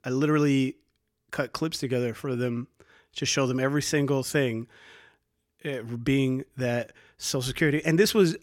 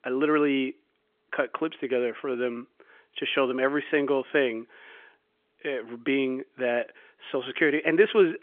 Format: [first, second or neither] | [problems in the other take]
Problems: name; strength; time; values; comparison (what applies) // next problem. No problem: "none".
first | phone-call audio; nothing above 3.5 kHz